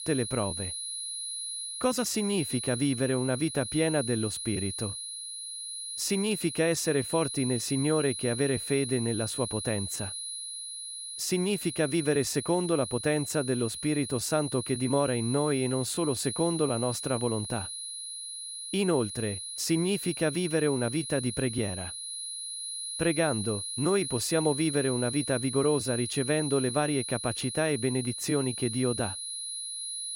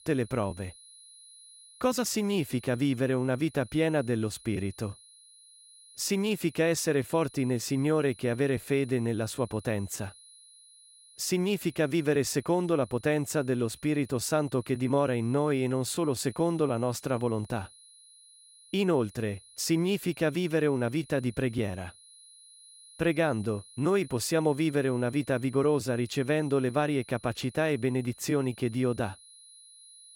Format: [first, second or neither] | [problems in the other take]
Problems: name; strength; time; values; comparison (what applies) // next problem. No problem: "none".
second | high-pitched whine; loud; throughout; 10.5 kHz, 5 dB below the speech; faint in the second